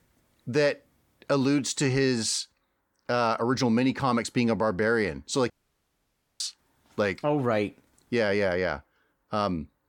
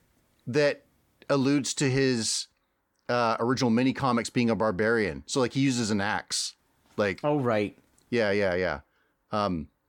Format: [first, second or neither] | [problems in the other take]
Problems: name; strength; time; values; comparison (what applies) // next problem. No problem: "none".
second | audio cutting out; at 5.5 s for 1 s